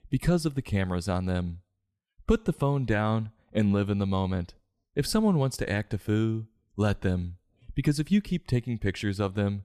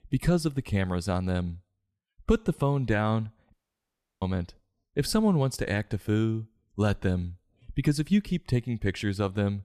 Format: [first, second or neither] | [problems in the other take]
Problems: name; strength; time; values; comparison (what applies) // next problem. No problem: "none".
first | audio cutting out; at 3.5 s for 0.5 s